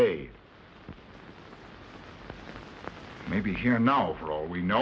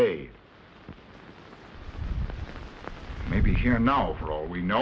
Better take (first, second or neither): first